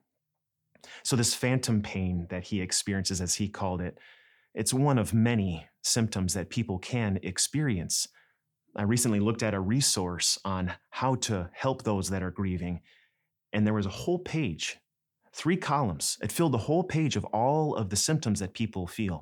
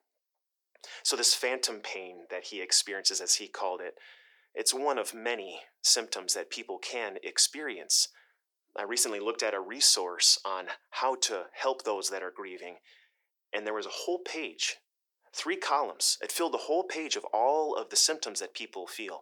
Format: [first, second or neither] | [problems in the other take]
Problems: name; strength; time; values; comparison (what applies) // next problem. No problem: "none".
first | thin; very; fading below 350 Hz